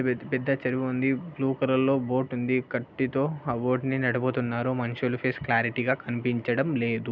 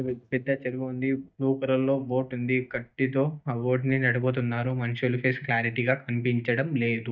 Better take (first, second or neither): first